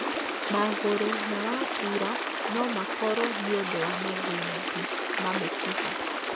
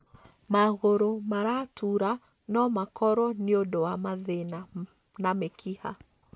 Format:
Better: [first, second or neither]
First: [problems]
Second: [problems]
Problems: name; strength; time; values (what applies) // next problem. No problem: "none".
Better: second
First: background sound (Stream); 1 dB above the speech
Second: none